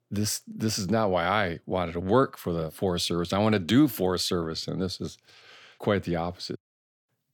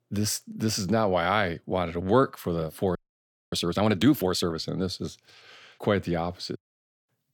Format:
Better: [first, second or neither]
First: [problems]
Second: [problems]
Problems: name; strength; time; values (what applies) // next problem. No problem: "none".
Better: first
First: none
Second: audio freezing; at 3 s for 0.5 s